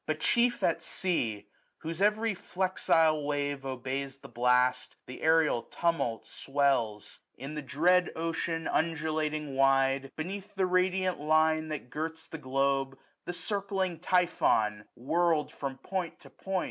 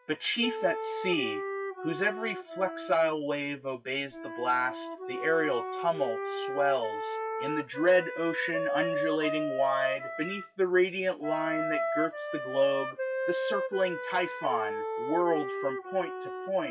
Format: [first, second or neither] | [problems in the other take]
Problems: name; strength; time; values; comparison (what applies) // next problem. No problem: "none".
first | noise reduction (classical method WPE with log-MMSE)